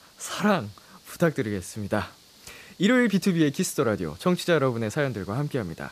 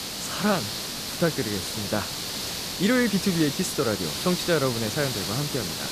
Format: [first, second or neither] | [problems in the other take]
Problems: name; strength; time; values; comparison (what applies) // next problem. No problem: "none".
first | hiss; loud; throughout; 3 dB below the speech; faint in the first